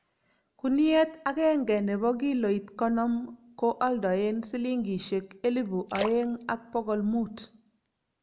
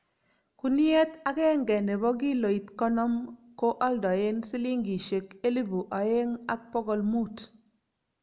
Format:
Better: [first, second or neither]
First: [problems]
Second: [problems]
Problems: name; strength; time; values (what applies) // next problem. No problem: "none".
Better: second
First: background sound (Splash, splatter); 14 dB below the speech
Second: none